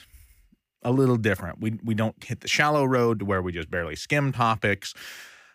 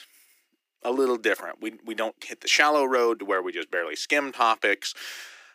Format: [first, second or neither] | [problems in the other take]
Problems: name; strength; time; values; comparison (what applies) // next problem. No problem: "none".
first | thin; somewhat; fading below 300 Hz